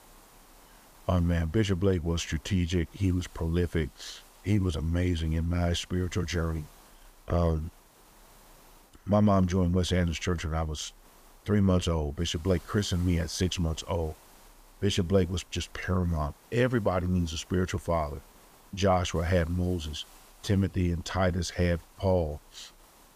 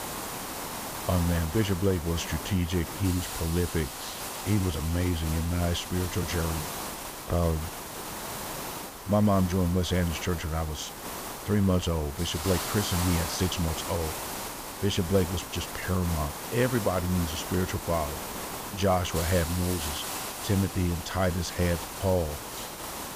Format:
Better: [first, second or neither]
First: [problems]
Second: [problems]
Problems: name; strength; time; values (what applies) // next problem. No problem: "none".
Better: first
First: hiss; faint; throughout; 25 dB below the speech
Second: hiss; loud; throughout; 6 dB below the speech